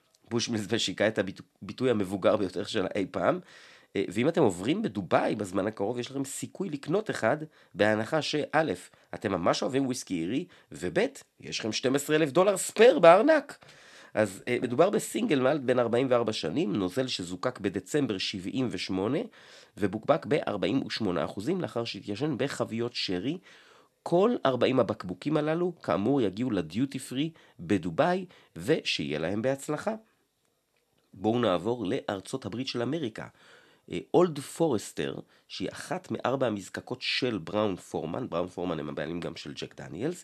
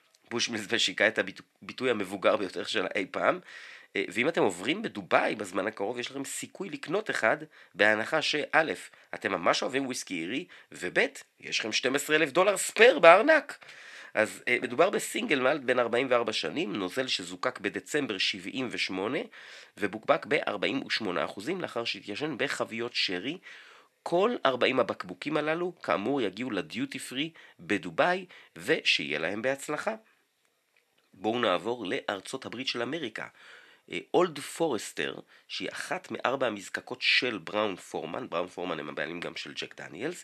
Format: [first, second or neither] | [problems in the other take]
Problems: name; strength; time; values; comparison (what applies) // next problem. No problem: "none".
first | thin; very slightly; fading below 400 Hz